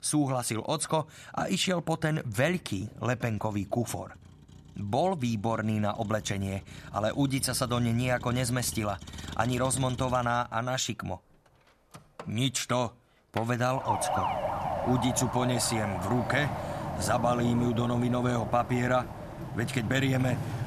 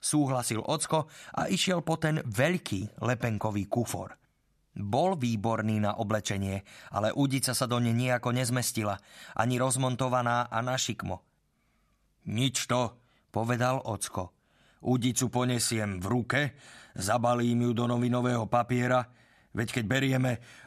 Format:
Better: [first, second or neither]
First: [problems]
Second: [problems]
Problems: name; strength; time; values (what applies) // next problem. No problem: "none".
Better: second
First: traffic noise; loud; throughout; 7 dB below the speech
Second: none